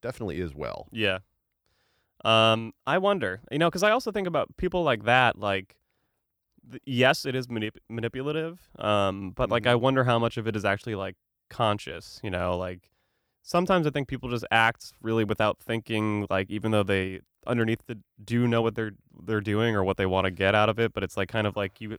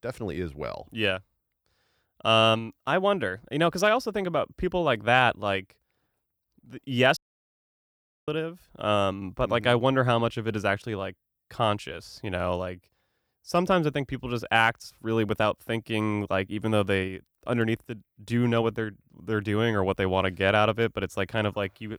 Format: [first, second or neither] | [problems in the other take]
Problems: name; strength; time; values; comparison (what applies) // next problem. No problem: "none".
first | audio cutting out; at 7 s for 1 s